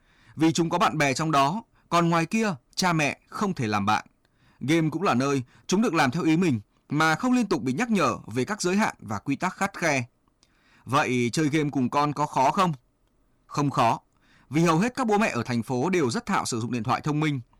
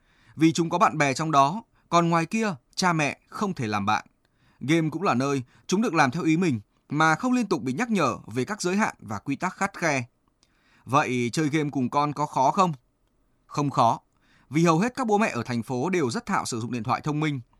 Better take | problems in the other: second | distortion; slight; 5% of the sound clipped

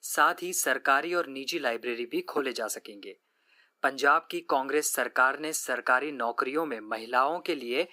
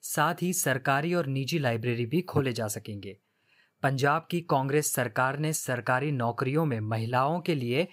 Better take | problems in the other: second | thin; somewhat; fading below 300 Hz

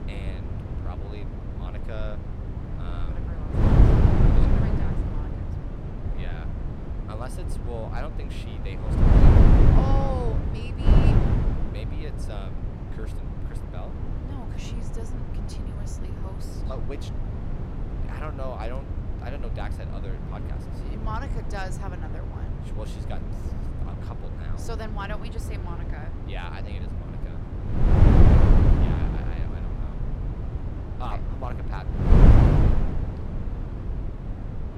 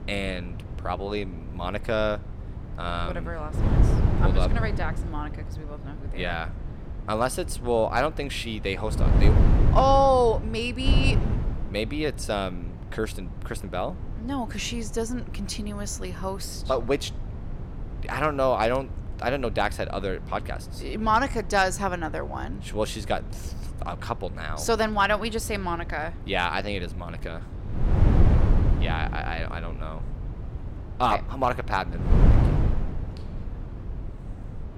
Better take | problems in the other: second | wind noise on the microphone; heavy; 4 dB above the speech; occasional gusts in the second

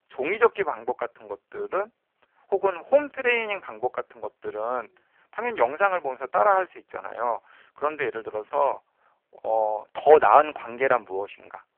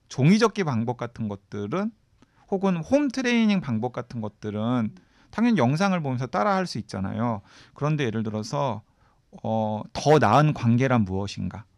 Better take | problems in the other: second | phone-call audio; poor line

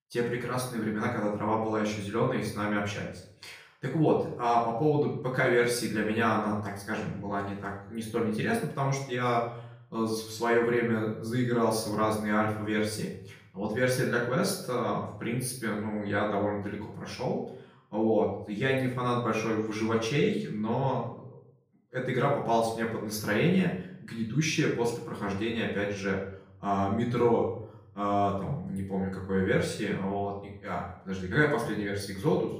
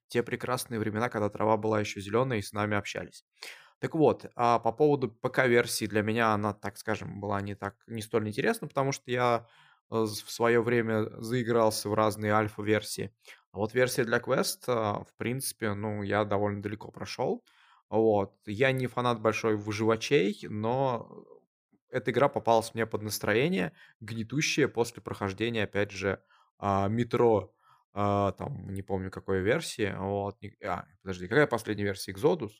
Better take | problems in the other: second | off-mic speech; far // room echo; noticeable; dies away in 0.6 s

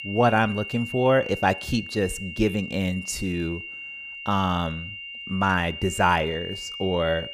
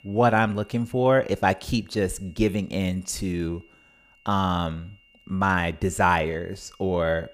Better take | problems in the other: second | high-pitched whine; loud; throughout; 3 kHz, 10 dB below the speech; faint in the second

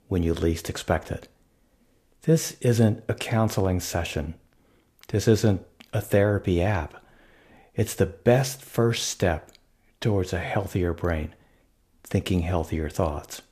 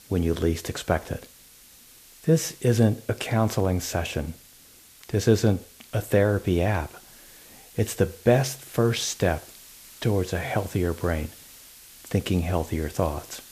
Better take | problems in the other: first | hiss; faint; throughout; 20 dB below the speech

